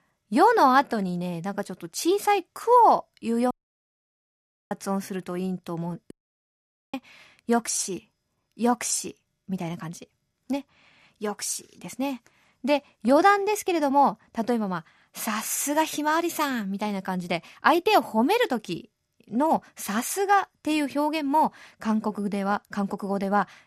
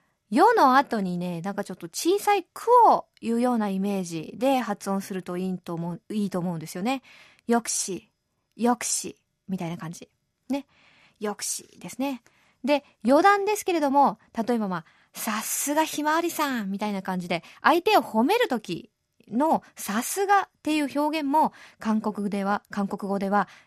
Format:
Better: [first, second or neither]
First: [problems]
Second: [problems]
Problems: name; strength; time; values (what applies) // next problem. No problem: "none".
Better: second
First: audio cutting out; at 3.5 s for 1 s and at 6 s for 1 s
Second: none